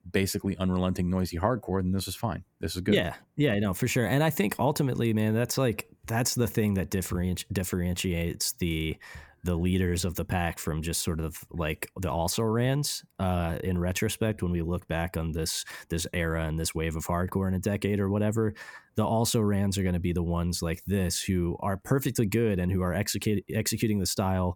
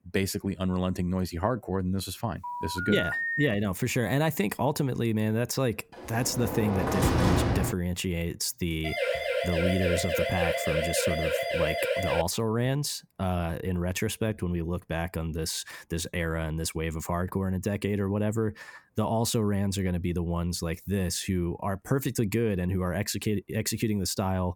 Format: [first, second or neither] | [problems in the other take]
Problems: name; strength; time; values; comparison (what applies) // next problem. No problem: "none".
first | phone ringing; loud; from 2.5 to 3.5 s; peak 1 dB above the speech // door banging; loud; from 6 to 7.5 s; peak 5 dB above the speech // siren; loud; from 9 to 12 s; peak 2 dB above the speech